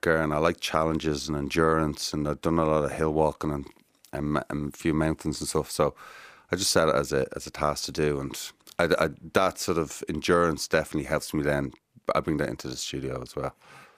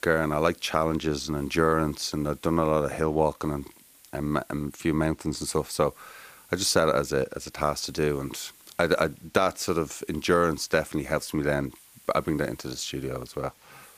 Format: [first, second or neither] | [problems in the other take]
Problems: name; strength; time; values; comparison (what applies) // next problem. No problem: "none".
first | hiss; faint; throughout; 25 dB below the speech